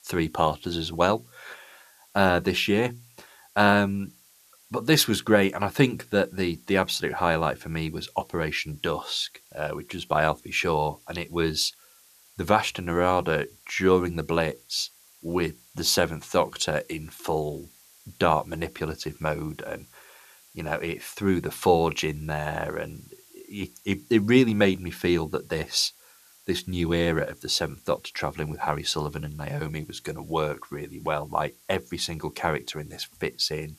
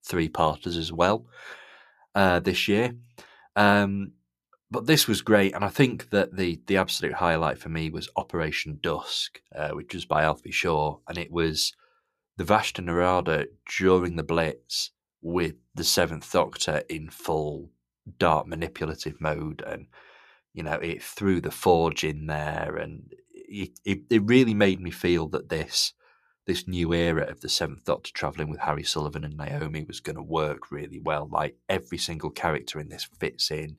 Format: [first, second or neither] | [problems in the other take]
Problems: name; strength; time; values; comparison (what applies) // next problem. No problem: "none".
second | hiss; faint; throughout; 25 dB below the speech